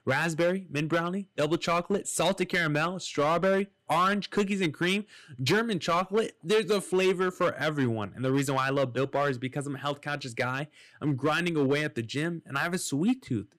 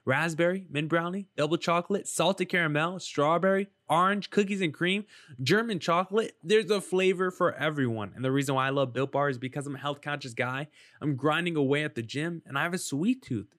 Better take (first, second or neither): second